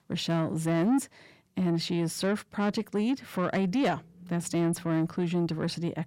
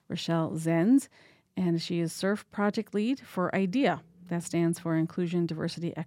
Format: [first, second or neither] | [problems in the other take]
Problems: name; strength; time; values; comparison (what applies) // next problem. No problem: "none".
second | distortion; slight; 10 dB below the speech